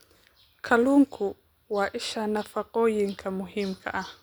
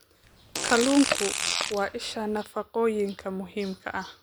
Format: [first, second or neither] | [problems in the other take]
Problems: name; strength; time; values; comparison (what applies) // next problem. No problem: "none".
first | background sound (Fart); 3 dB below the speech